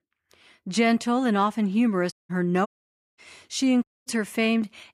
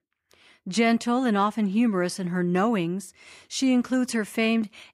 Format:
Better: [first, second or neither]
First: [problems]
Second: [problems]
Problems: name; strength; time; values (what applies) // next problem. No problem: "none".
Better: second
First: audio cutting out; at 2 s, at 2.5 s for 0.5 s and at 4 s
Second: none